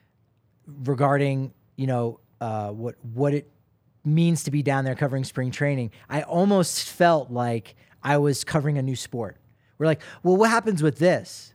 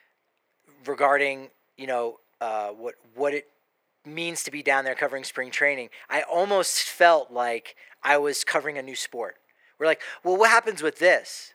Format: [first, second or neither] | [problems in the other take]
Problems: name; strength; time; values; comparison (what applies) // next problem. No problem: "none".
first | thin; very; fading below 450 Hz